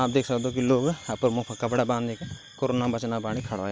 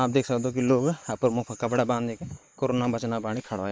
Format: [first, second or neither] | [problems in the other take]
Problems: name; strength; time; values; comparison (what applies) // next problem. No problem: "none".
first | noise reduction (neural mask model Resemble Enhance denoiser)